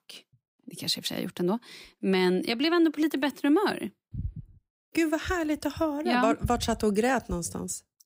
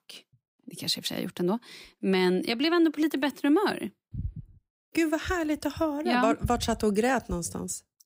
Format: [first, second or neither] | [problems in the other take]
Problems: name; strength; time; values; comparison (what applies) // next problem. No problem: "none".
neither | none